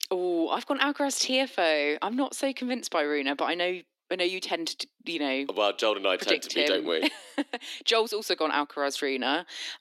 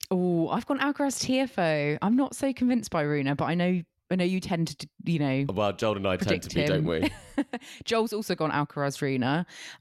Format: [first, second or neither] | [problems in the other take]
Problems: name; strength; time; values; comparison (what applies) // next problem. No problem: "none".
second | thin; somewhat; fading below 300 Hz